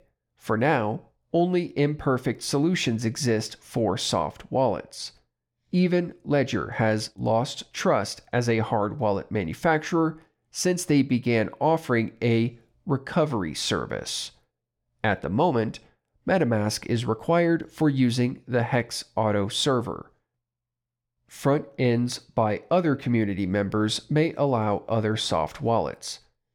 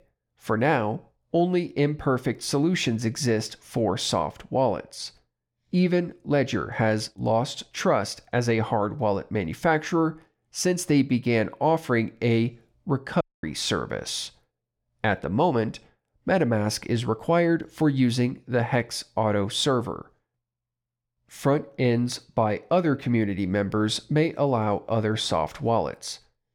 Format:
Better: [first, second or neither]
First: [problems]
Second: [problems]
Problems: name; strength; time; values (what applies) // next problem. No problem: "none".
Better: first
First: none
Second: audio cutting out; at 13 s